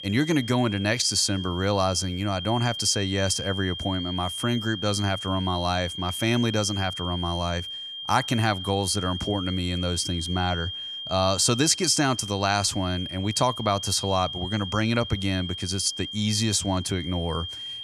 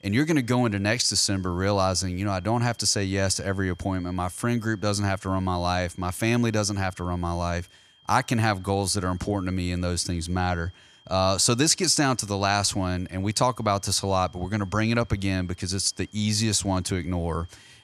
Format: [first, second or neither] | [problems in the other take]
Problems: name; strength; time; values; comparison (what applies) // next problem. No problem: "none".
second | high-pitched whine; loud; throughout; 3 kHz, 8 dB below the speech; faint in the second